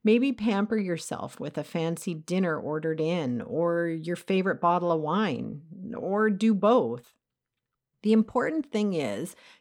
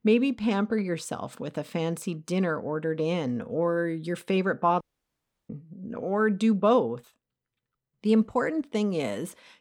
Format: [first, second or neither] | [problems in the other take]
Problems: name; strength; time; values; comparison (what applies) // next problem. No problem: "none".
first | audio cutting out; at 5 s for 0.5 s